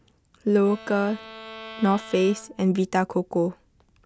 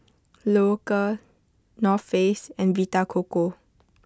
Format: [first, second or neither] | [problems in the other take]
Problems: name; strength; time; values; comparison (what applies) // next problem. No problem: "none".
second | background sound (Bowed string instrument); 19 dB below the speech